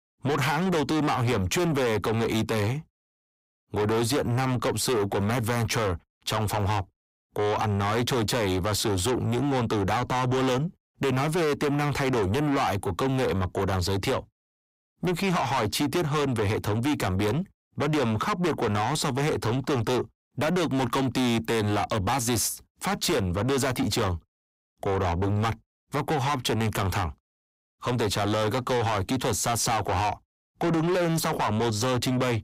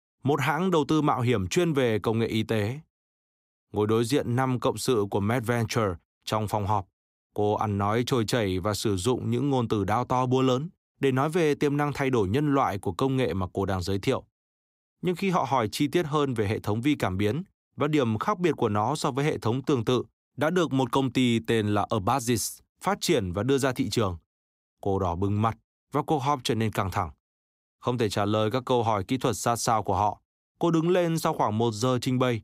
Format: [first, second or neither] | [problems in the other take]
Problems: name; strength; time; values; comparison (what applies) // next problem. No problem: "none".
second | distortion; heavy; 6 dB below the speech